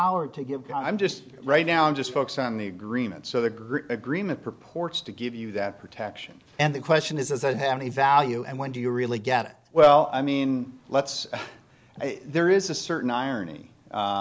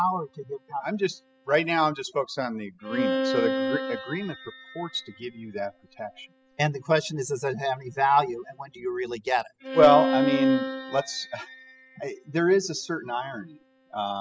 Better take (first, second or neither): first